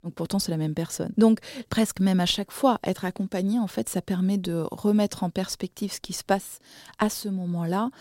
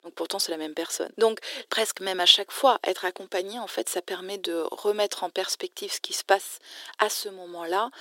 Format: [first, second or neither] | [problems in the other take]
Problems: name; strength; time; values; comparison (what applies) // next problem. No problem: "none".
first | thin; very; fading below 350 Hz